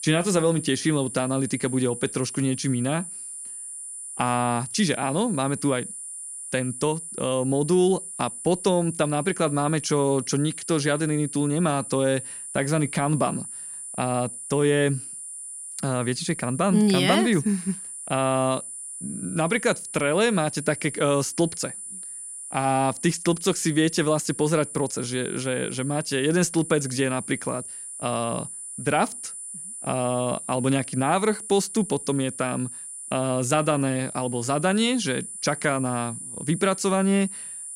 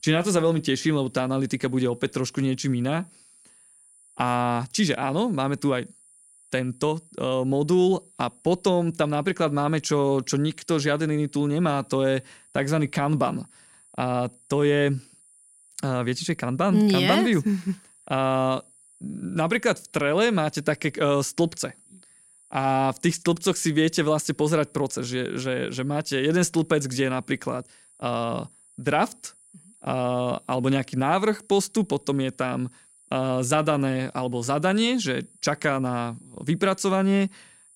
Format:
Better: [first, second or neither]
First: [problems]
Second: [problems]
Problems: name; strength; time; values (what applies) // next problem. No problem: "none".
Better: second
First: high-pitched whine; loud; throughout; 9.5 kHz, 9 dB below the speech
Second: high-pitched whine; faint; throughout; 9.5 kHz, 30 dB below the speech